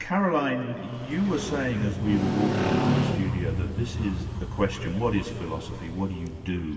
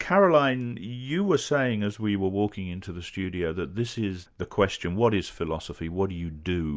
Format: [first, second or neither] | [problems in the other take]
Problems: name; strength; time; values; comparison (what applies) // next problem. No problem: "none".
second | background sound (Motorcycle); 2 dB below the speech // room echo; dies away in 2.4 s